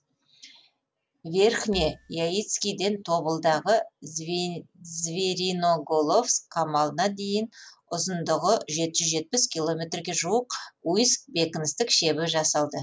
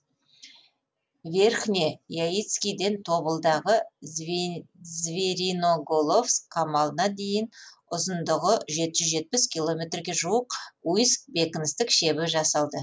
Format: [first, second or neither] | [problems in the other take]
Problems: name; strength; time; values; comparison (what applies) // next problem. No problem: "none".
second | background sound (Marimba, xylophone); 14 dB below the speech